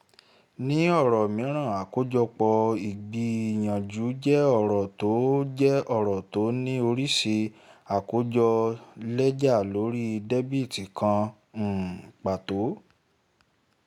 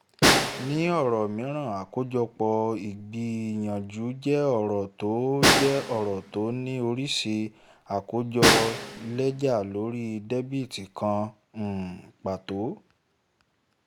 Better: first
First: none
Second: background sound (Snare drum); as loud as the speech

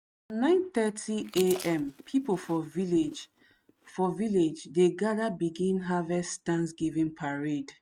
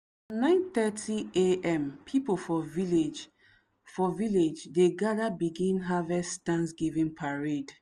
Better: second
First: noise reduction (neural mask model RNNoise)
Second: none

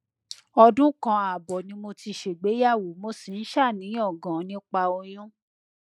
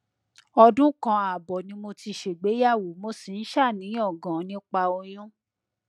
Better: second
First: noise reduction (neural mask model Resemble Enhance denoiser)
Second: none

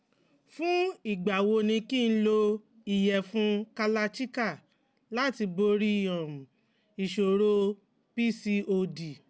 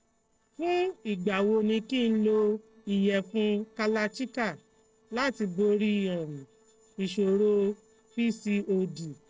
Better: first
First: none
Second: noise reduction (neural separator model SepFormer DNS4)

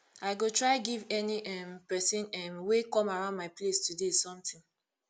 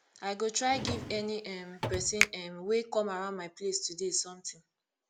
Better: first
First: none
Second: background sound (Drawer open or close + Finger snapping); 4 dB below the speech

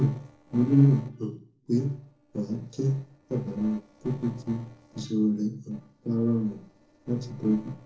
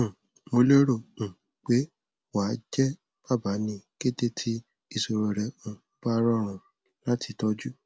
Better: second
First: noise reduction (neural separator model SepFormer DNS4)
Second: none

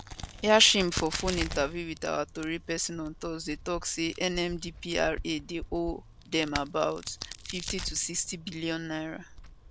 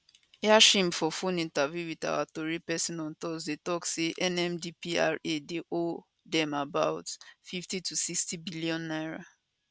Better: second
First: background sound (Crack); 10 dB below the speech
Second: none

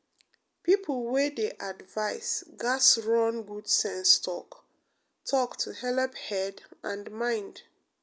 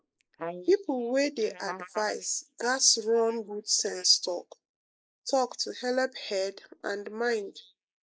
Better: first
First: none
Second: noise reduction (neural mask model Resemble Enhance denoiser)

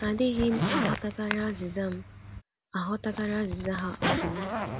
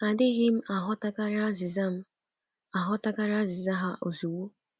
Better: second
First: background sound (Zipper (clothing)); 3 dB below the speech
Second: none

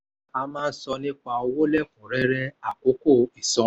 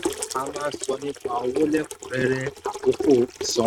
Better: first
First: none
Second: noise reduction (neural mask model RNNoise)

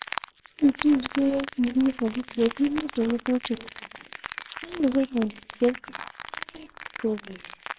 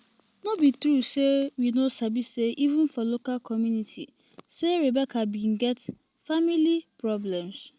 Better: second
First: noise reduction (neural separator model SepFormer WHAMR!)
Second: none

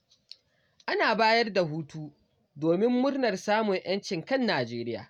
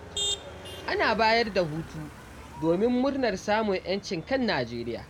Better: first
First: none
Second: background sound (Motor vehicle (road)); 12 dB below the speech

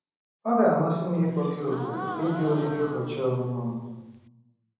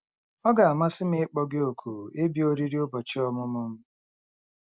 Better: second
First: background sound (Gasp); 11 dB below the speech // room echo; dies away in 1.1 s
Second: none

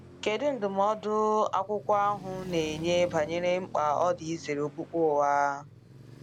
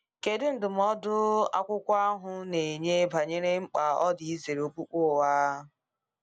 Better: second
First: background sound (Traffic noise, roadway noise); 18 dB below the speech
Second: none

